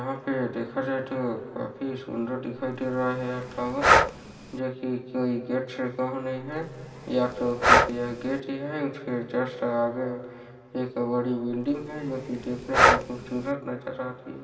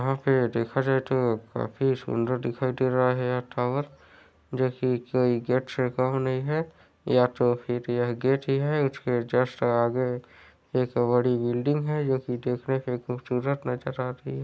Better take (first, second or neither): second